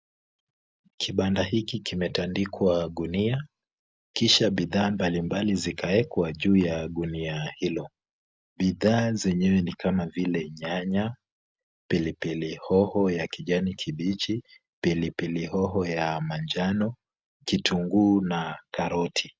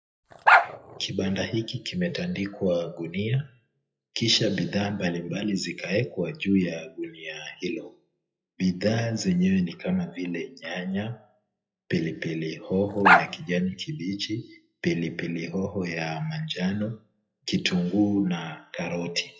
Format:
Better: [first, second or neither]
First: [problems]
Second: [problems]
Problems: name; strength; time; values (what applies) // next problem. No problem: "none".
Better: first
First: none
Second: noise reduction (classical method WPE with log-MMSE)